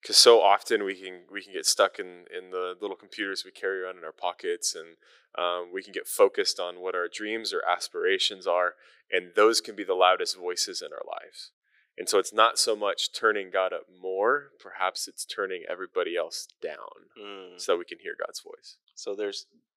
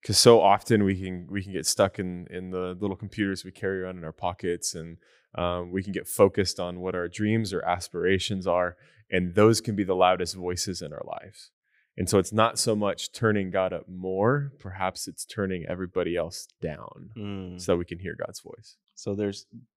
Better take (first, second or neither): second